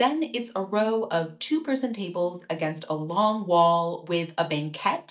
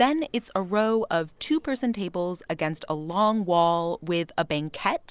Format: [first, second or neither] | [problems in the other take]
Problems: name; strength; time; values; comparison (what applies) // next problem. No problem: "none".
second | noise reduction (neural mask model DeepFilterNet 3)